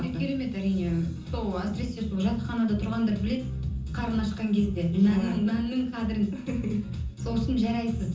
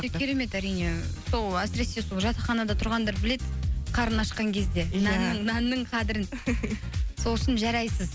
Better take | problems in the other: second | room echo; dies away in 0.6 s

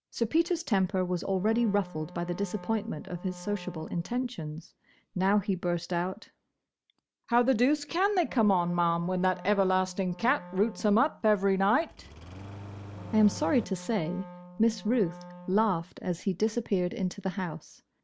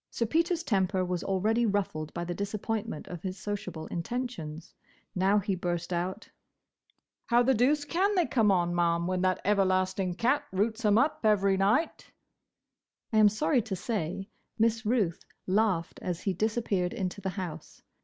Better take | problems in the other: second | background sound (Wind instrument, woodwind instrument + Engine starting); 16 dB below the speech

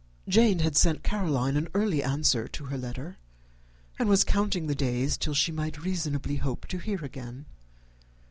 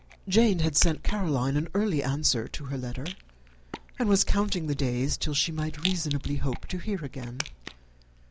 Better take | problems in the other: first | background sound (Rattle); 16 dB below the speech

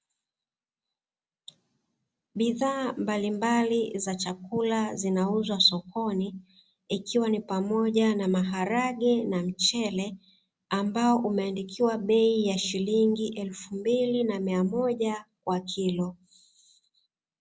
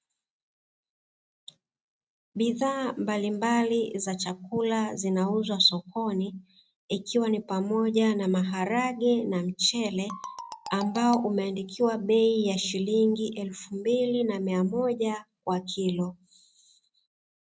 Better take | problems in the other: first | noise reduction (neural mask model RNNoise)

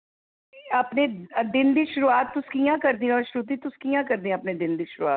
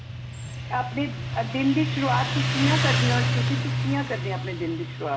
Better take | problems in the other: first | background sound (Motorcycle); 2 dB above the speech // room echo; dies away in 0.4 s

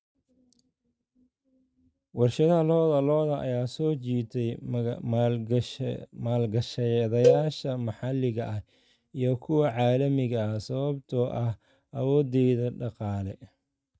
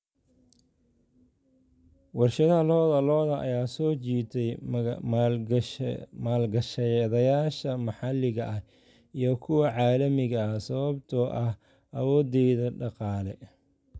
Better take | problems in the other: second | noise reduction (neural mask model RNNoise)

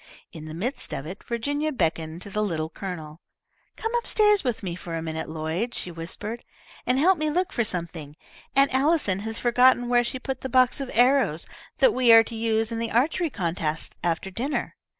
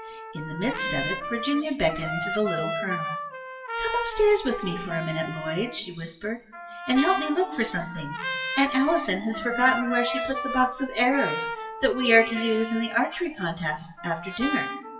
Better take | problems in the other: first | noise reduction (classical method WPE with log-MMSE)

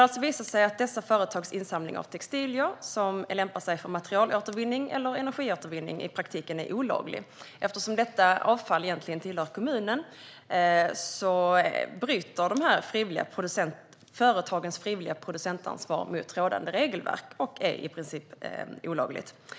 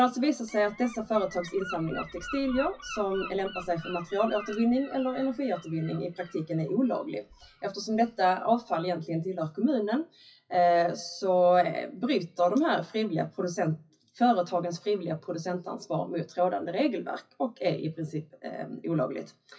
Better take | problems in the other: first | noise reduction (classical method WPE with log-MMSE)

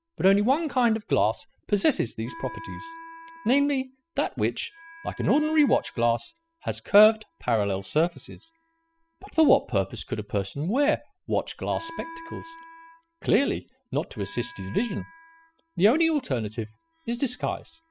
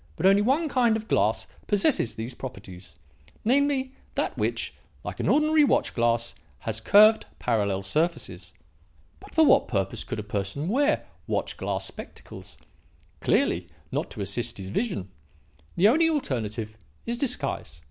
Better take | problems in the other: second | noise reduction (classical method spectral subtraction)

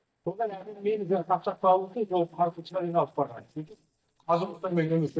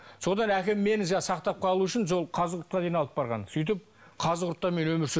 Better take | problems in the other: second | noise reduction (neural mask model DeepFilterNet 3)

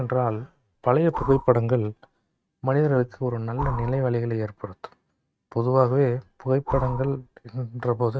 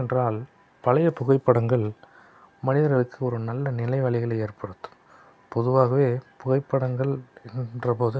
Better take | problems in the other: second | noise reduction (neural mask model RNNoise)

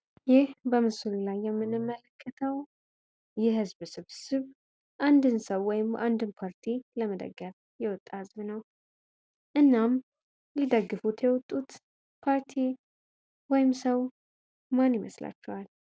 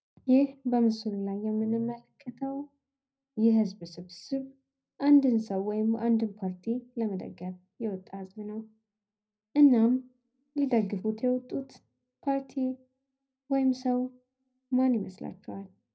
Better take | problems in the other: first | room echo; dies away in 0.4 s

